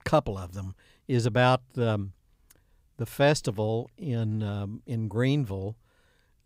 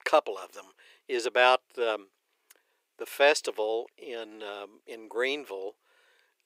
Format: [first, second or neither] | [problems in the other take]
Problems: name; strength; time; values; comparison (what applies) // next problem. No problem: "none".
first | thin; very; fading below 350 Hz